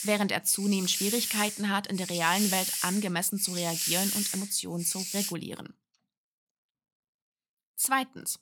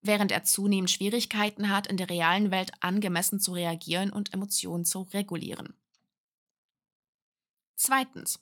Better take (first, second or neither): second